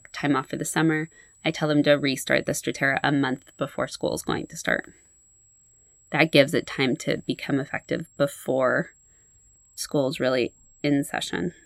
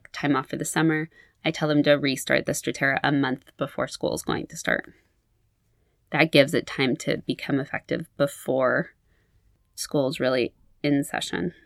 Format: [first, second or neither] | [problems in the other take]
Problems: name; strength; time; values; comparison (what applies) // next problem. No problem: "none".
second | high-pitched whine; faint; throughout; 8 kHz, 30 dB below the speech